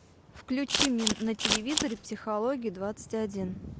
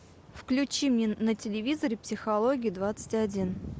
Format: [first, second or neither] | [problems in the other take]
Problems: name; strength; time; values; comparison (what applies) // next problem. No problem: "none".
second | background sound (Scissors); 2 dB above the speech